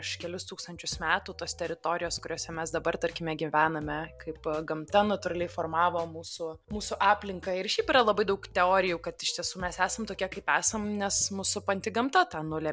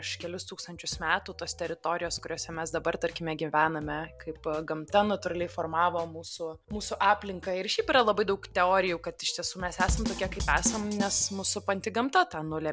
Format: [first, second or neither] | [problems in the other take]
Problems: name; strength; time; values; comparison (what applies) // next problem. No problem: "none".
first | background sound (Drum kit); 4 dB below the speech